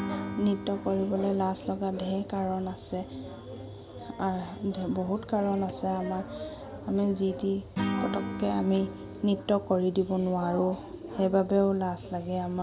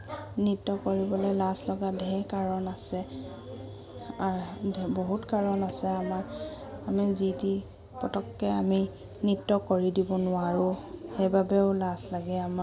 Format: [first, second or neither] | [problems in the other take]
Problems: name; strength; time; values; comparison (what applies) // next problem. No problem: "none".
second | background sound (Acoustic guitar / Strum); 11 dB below the speech